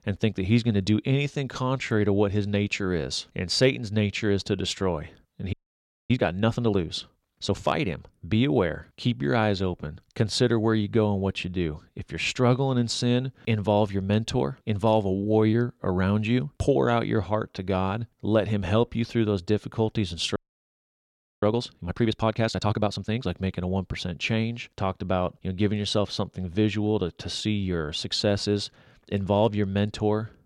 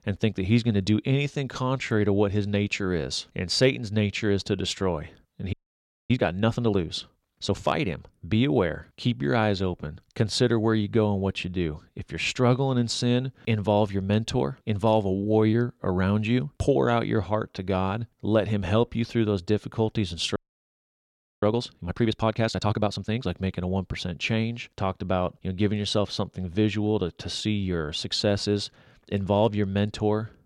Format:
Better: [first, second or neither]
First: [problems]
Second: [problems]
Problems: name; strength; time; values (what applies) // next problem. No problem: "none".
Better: neither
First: audio freezing; at 5.5 s for 0.5 s and at 20 s for 1 s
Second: audio freezing; at 5.5 s for 0.5 s and at 20 s for 1 s